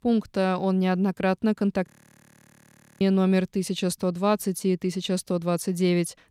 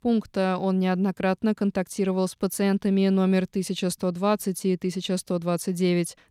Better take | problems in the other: second | audio freezing; at 2 s for 1 s

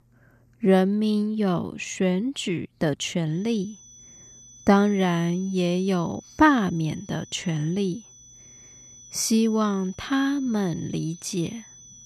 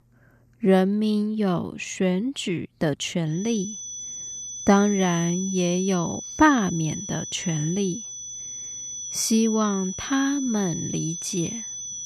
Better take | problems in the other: first | high-pitched whine; loud; from 3.5 s on; 6 kHz, 8 dB below the speech; faint in the first

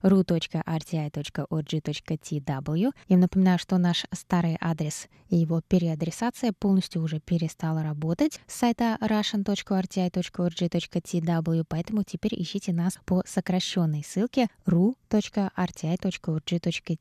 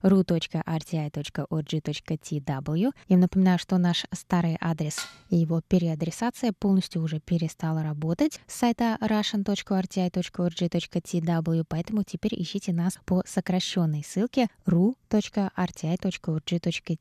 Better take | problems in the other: first | clattering dishes; faint; at 5 s; peak 10 dB below the speech

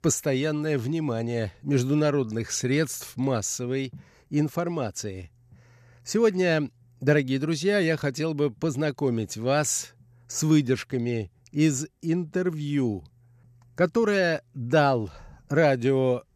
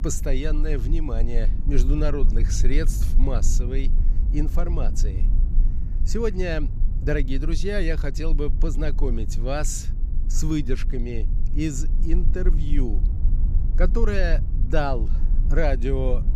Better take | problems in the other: first | low rumble; noticeable; throughout; 15 dB below the speech

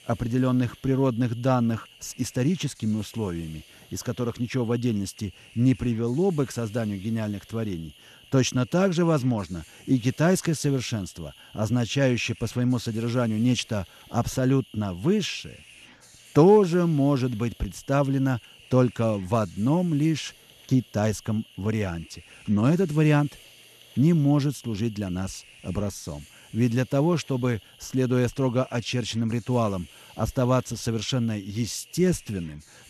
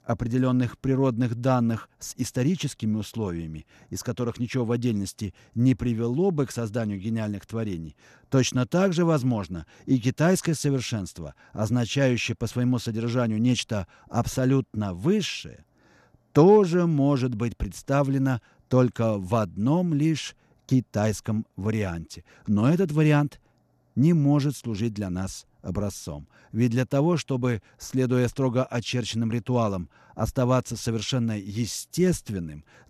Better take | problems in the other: second | hiss; faint; throughout; 25 dB below the speech

